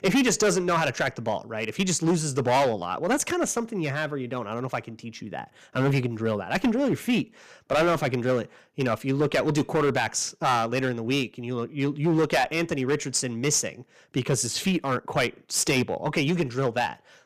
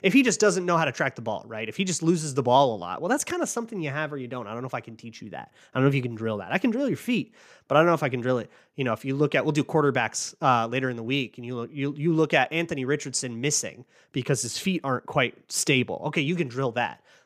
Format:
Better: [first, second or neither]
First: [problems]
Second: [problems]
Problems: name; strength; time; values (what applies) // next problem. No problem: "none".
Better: second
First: distortion; heavy; 7% of the sound clipped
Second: none